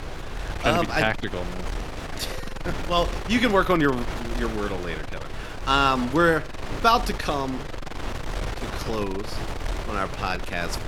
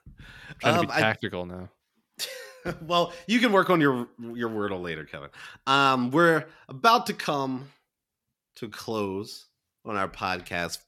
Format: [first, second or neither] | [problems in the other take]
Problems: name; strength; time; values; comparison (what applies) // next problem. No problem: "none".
second | wind noise on the microphone; occasional gusts; 10 dB below the speech